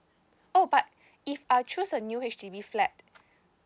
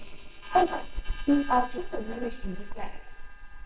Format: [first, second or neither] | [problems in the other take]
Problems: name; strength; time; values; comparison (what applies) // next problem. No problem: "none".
first | noise reduction (neural separator model SepFormer WHAMR!)